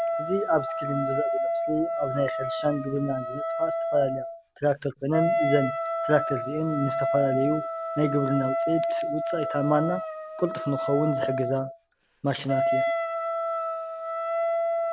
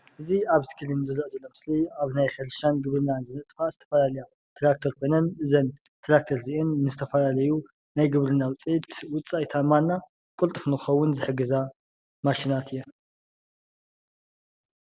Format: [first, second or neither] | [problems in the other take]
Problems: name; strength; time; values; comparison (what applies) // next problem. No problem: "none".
second | background sound (Wind instrument, woodwind instrument); as loud as the speech